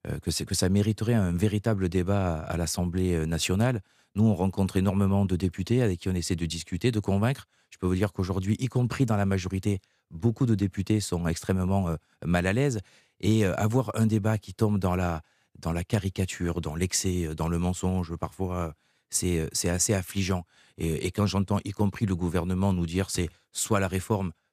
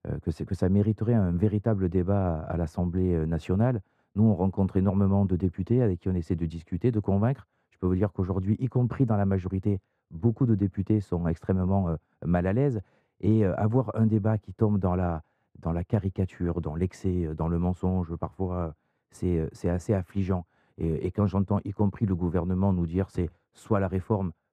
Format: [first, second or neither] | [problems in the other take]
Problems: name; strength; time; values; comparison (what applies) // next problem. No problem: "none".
first | muffled; very; fading above 2 kHz